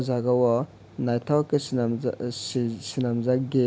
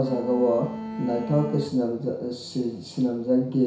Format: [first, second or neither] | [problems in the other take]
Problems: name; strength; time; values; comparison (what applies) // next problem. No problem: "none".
first | background sound (Bowed string instrument); 10 dB below the speech // room echo; dies away in 0.6 s